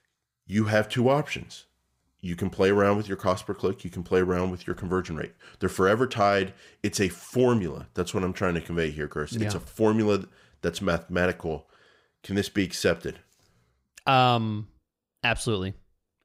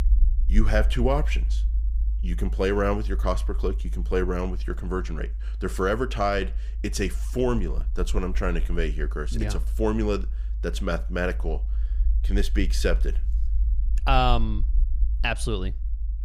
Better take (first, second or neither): first